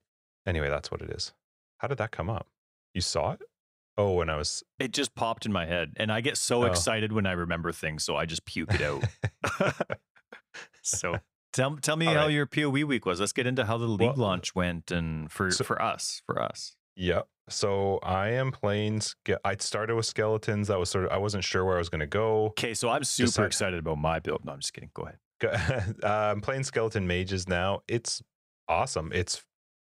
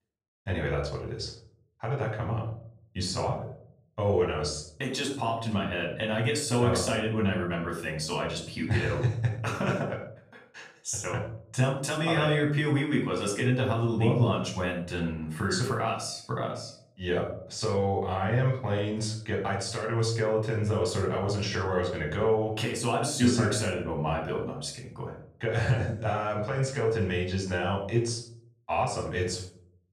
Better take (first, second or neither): first